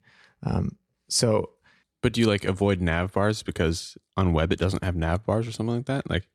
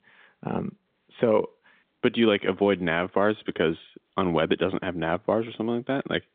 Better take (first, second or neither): first